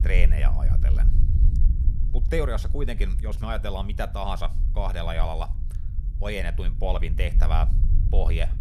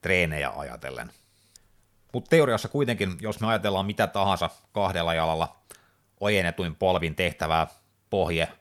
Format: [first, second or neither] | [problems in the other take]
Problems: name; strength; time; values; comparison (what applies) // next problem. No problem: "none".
second | low rumble; noticeable; throughout; 15 dB below the speech